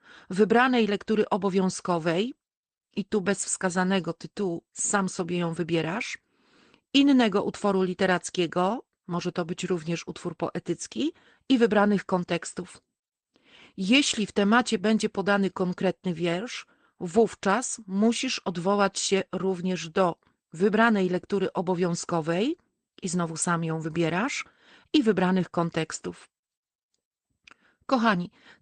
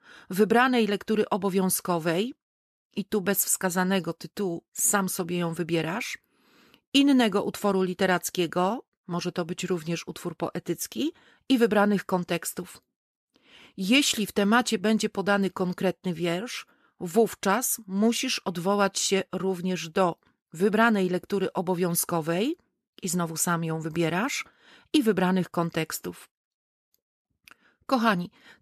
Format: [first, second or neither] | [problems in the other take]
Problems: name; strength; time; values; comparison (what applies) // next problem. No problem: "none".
second | garbled, watery; slightly; nothing above 8.5 kHz